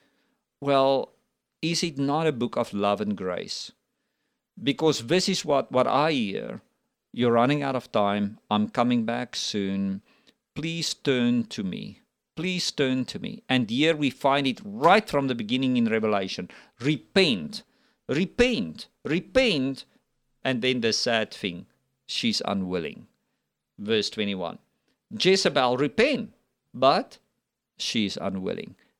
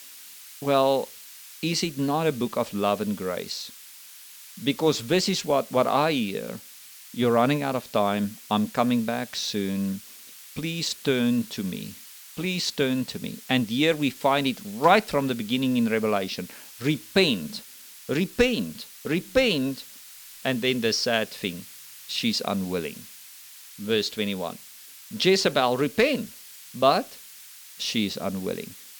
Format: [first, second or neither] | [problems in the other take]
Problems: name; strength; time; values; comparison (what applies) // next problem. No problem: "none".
first | hiss; noticeable; throughout; 15 dB below the speech